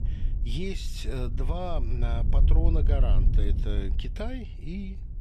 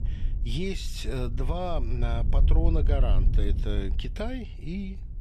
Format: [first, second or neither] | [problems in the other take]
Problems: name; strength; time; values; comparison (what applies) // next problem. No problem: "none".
second | wind noise on the microphone; heavy; 8 dB below the speech; occasional gusts in the second